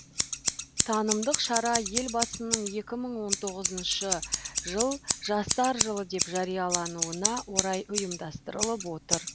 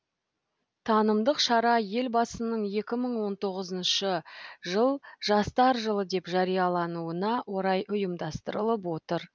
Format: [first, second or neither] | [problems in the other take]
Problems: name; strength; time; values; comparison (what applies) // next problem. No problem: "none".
second | background sound (Scissors); 1 dB below the speech